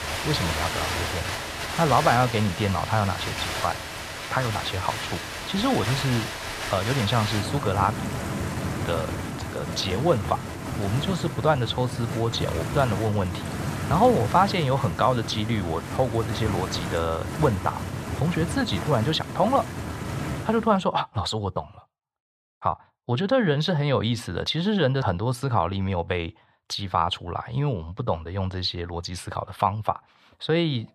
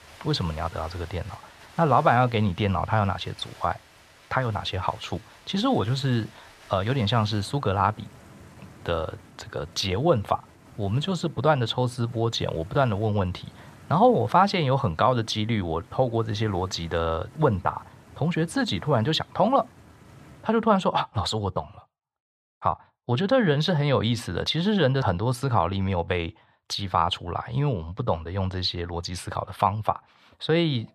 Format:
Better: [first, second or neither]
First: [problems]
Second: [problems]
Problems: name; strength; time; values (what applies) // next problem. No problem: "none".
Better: second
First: rain or running water; loud; until 21 s; 5 dB below the speech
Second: rain or running water; faint; until 21 s; 25 dB below the speech